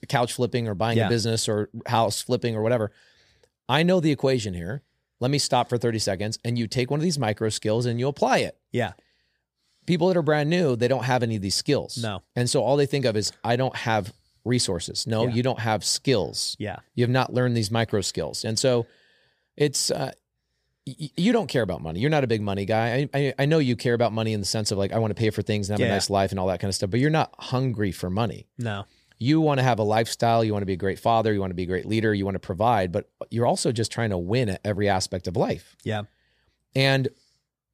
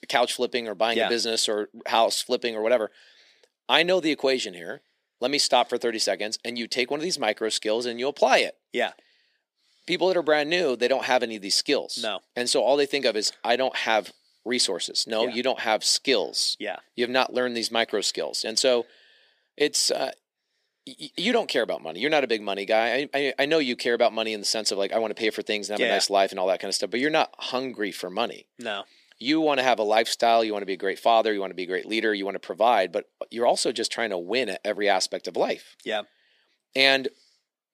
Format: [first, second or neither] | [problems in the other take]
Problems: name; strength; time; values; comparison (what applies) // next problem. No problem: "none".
first | thin; somewhat; fading below 250 Hz